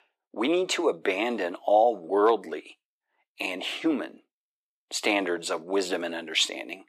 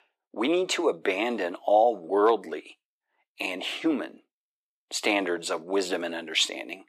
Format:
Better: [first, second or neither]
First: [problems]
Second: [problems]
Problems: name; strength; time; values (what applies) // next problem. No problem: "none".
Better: neither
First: thin; somewhat; fading below 350 Hz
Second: thin; somewhat; fading below 350 Hz